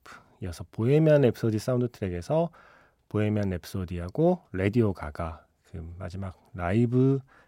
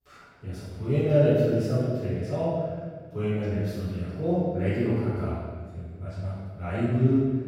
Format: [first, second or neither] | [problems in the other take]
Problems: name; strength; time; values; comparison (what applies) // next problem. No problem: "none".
first | room echo; strong; dies away in 1.5 s // off-mic speech; far